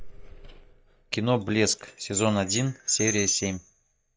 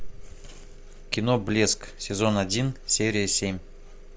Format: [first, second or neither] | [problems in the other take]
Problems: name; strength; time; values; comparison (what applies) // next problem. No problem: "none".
second | noise reduction (neural mask model DeepFilterNet 3)